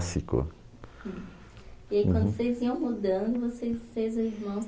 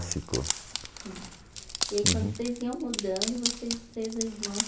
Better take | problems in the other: first | background sound (Wood); 1 dB below the speech

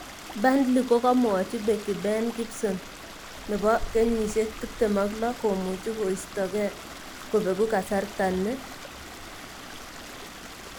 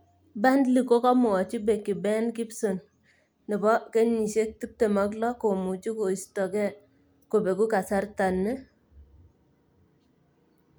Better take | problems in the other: second | background sound (Stream); 12 dB below the speech

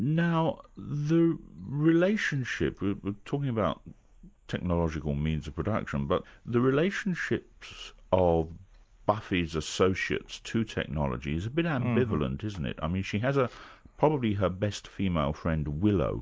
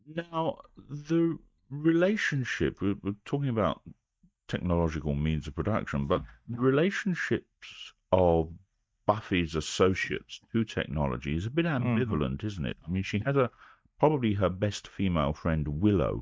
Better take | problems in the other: first | noise reduction (neural mask model DeepFilterNet 3)

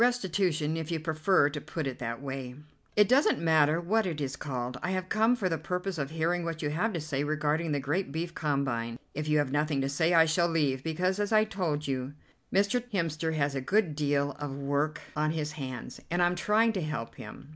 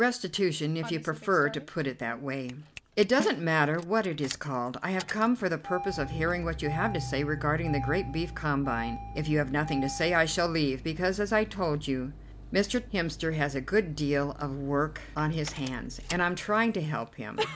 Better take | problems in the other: first | background sound (Engine starting + Snare drum); 11 dB below the speech

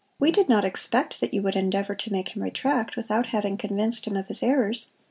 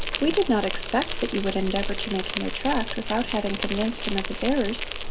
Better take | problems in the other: first | background sound (Insect); 3 dB below the speech

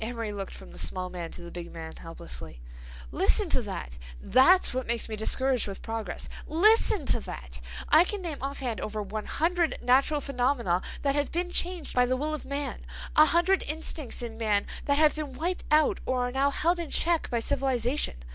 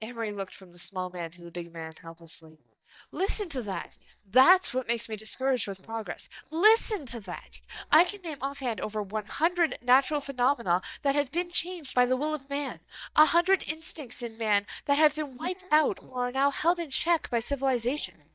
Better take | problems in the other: first | noise reduction (neural mask model DeepFilterNet 3)

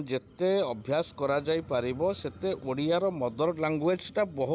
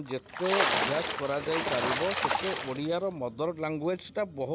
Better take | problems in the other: first | background sound (Splash, splatter); as loud as the speech

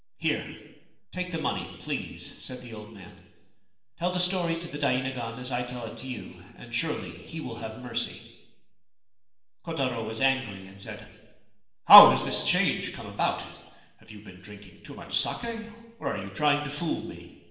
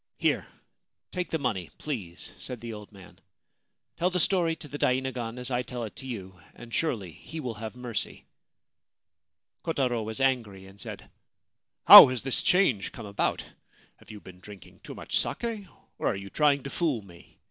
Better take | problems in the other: second | room echo; dies away in 1.1 s

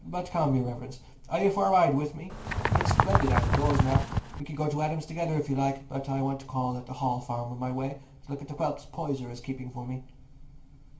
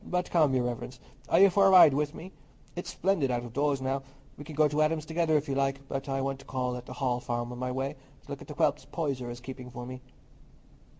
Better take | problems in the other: second | background sound (Bird); 5 dB above the speech // room echo; dies away in 0.3 s

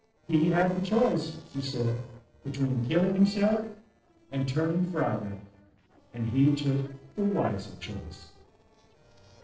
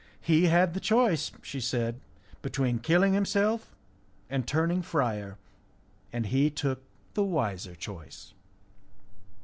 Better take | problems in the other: second | noise reduction (neural separator model SepFormer DNS4)

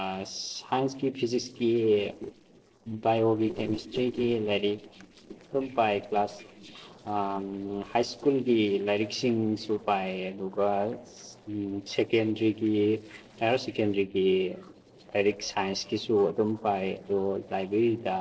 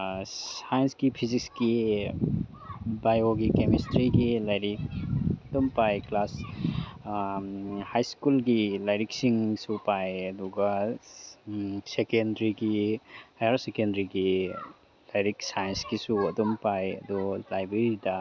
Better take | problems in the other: second | noise reduction (neural separator model SepFormer DNS4)

